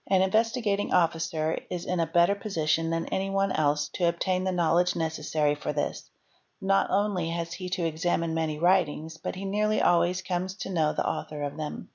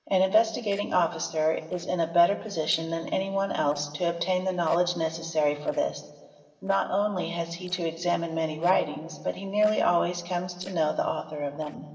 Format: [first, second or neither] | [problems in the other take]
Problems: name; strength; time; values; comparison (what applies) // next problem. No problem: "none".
first | noise reduction (neural separator model SepFormer DNS4)